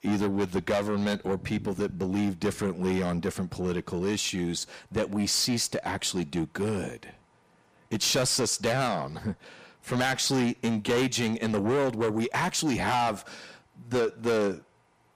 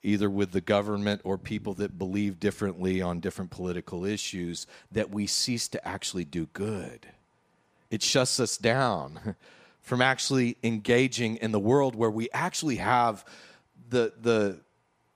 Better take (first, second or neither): second